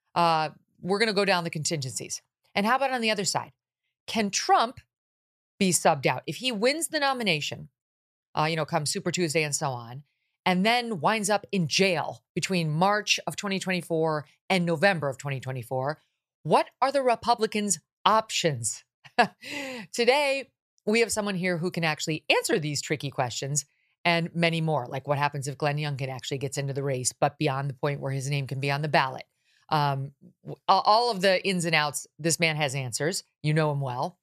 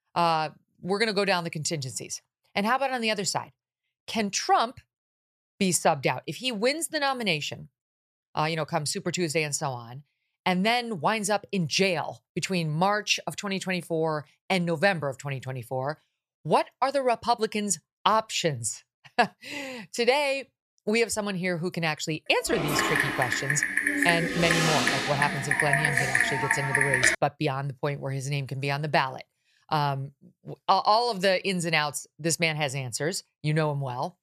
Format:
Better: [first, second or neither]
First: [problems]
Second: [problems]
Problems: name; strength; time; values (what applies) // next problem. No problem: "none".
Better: first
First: none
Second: keyboard typing; loud; from 23 to 27 s; peak 6 dB above the speech